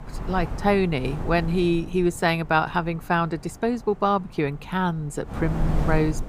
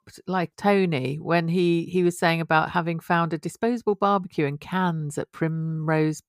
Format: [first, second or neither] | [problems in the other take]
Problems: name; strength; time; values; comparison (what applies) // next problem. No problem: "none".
second | wind noise on the microphone; occasional gusts; 15 dB below the speech